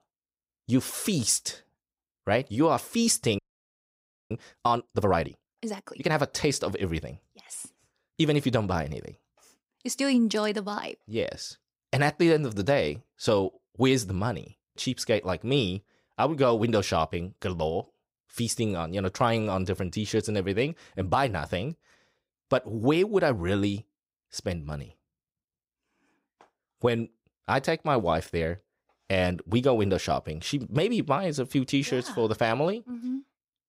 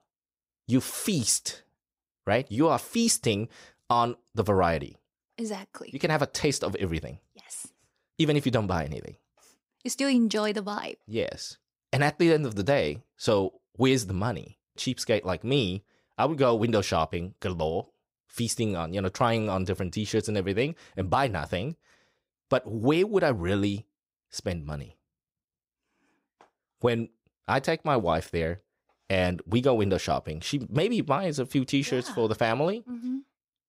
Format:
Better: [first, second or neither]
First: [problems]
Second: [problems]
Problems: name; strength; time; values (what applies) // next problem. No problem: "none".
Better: second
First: audio freezing; at 3.5 s for 1 s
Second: none